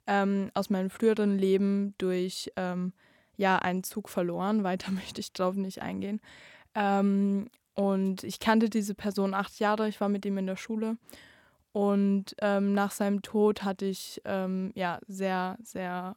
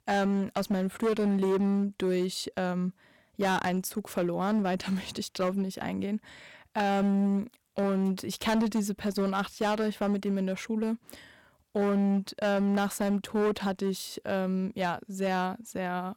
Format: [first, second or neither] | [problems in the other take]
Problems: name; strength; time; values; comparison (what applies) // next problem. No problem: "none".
first | distortion; slight; 11% of the sound clipped